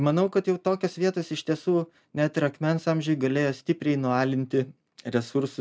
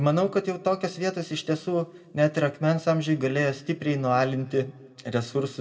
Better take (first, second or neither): first